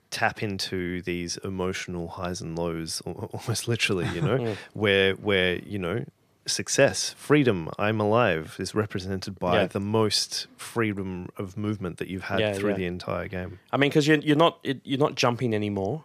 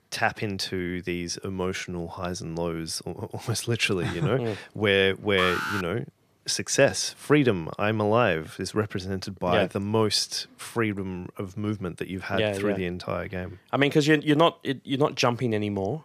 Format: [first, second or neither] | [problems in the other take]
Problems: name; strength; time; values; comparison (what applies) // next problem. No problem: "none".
first | alarm; noticeable; at 5.5 s; peak 2 dB below the speech